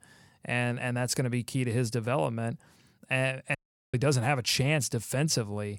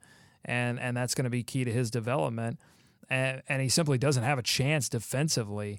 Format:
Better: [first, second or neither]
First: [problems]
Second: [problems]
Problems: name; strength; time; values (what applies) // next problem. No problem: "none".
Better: second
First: audio cutting out; at 3.5 s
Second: none